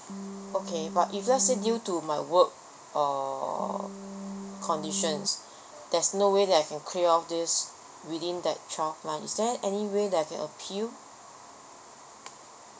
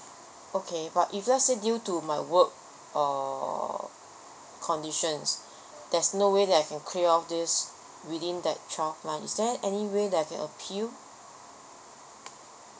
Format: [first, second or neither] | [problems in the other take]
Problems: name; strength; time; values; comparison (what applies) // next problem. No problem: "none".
second | background sound (Organ); 9 dB below the speech